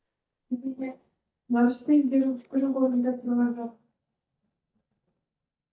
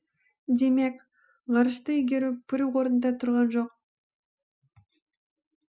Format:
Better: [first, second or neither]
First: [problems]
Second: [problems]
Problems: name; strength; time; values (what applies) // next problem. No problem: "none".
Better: second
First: noise reduction (neural mask model DeepFilterNet 3)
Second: none